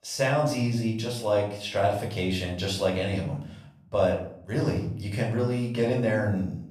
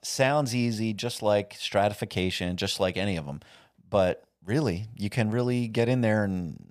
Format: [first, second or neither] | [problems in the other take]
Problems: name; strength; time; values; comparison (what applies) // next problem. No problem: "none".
second | off-mic speech; far // room echo; noticeable; dies away in 0.5 s